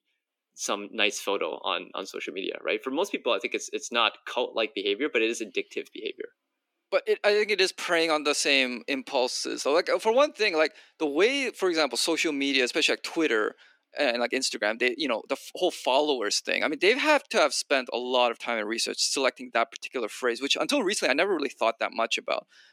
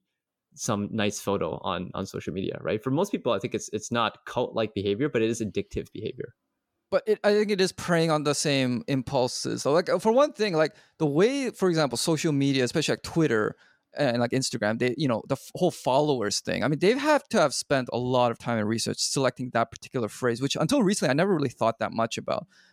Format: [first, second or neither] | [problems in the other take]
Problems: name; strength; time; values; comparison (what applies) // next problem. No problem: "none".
second | thin; somewhat; fading below 300 Hz